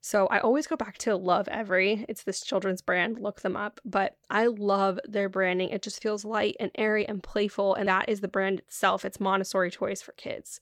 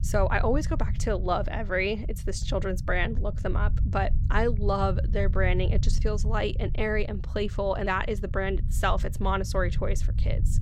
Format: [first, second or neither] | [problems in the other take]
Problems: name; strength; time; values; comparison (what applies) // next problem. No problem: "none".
first | low rumble; noticeable; throughout; 15 dB below the speech